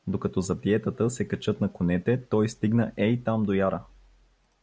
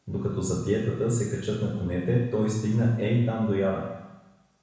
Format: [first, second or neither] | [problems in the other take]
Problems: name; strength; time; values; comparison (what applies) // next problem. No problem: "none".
first | room echo; dies away in 1 s